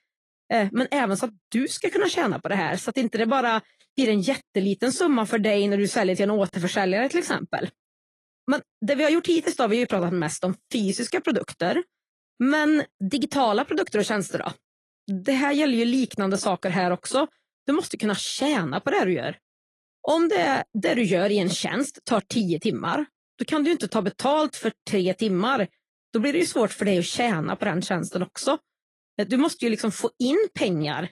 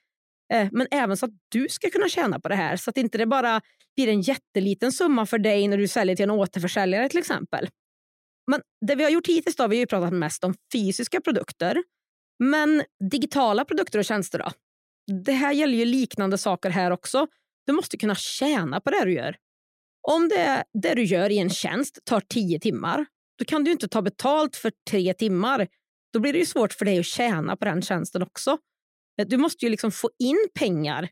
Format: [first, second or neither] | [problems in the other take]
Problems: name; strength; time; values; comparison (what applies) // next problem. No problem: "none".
second | garbled, watery; slightly; nothing above 11 kHz